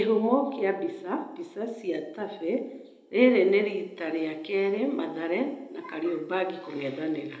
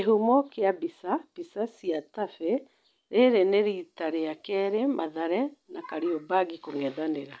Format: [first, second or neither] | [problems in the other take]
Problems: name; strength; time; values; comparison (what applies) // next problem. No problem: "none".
second | room echo; dies away in 0.8 s